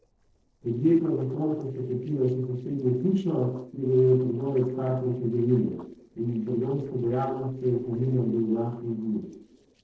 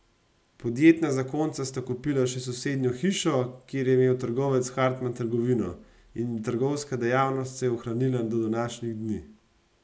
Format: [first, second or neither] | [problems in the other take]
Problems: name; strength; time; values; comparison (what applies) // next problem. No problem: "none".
second | noise reduction (neural separator model SepFormer DNS4)